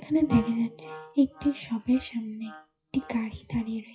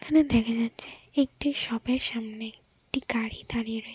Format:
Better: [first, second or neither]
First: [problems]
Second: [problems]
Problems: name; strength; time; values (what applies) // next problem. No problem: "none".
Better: second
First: noise reduction (classical method WPE with log-MMSE)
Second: none